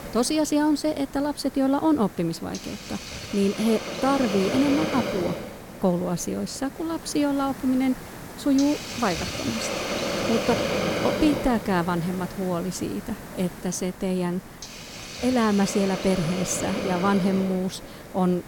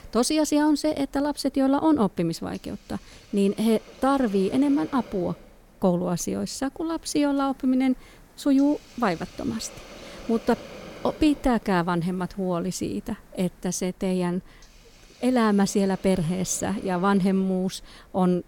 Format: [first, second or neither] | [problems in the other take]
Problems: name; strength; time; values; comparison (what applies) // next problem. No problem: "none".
second | hiss; loud; throughout; 6 dB below the speech; faint in the second